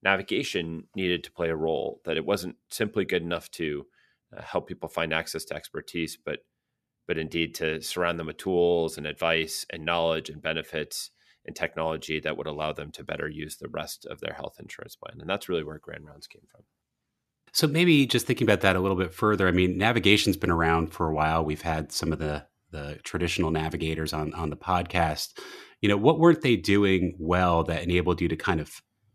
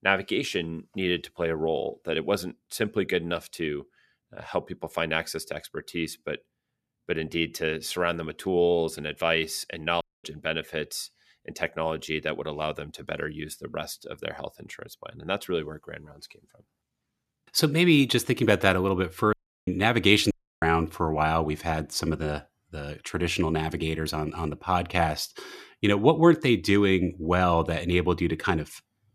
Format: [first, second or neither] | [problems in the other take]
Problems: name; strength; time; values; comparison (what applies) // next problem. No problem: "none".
first | audio cutting out; at 10 s, at 19 s and at 20 s